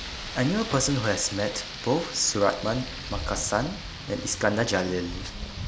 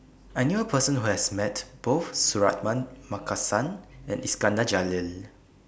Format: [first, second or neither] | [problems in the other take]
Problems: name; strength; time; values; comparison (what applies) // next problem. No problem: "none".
second | background sound (Rain); 9 dB below the speech